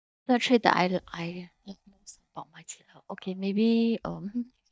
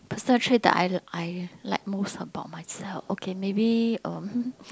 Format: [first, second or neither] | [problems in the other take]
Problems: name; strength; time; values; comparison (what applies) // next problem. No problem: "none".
second | noise reduction (neural mask model DeepFilterNet 3)